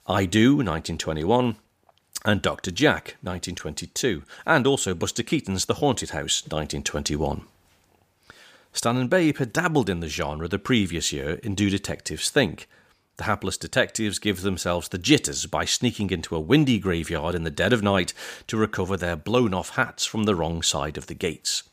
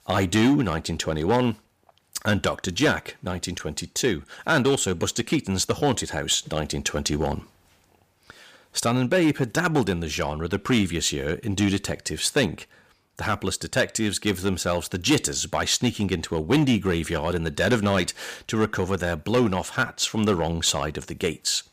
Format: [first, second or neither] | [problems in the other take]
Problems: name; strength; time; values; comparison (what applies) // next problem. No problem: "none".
first | distortion; slight; 3% of the sound clipped